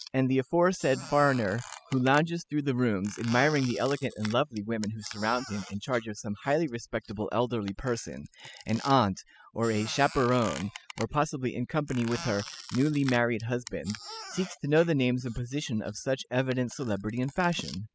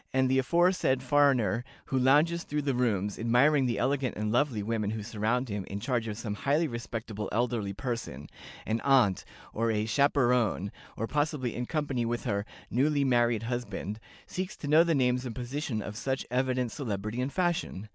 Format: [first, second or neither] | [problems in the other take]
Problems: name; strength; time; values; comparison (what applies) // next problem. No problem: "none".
second | noise reduction (classical method spectral subtraction)